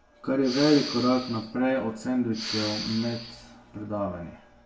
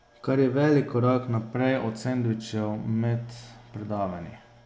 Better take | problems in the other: second | background sound (Respiratory sounds); 9 dB below the speech // room echo; dies away in 0.1 s

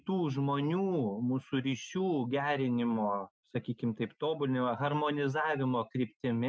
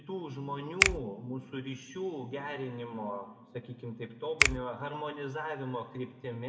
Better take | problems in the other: first | background sound (Finger snapping); 4 dB above the speech // room echo; dies away in 1.8 s

